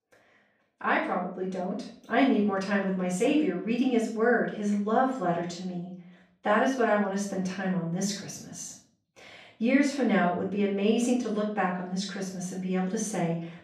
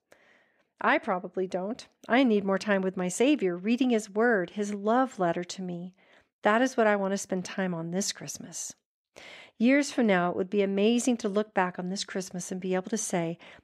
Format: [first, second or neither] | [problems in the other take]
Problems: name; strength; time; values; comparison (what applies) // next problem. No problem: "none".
second | off-mic speech; far // room echo; noticeable; dies away in 0.5 s